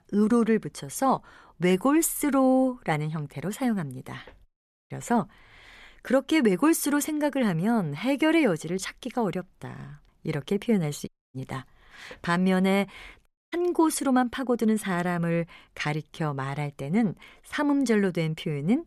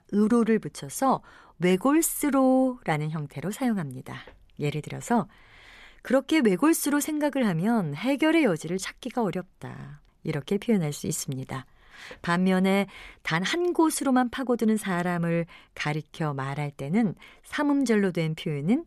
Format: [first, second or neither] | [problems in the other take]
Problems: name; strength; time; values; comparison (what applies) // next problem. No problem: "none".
second | audio cutting out; at 4.5 s, at 11 s and at 13 s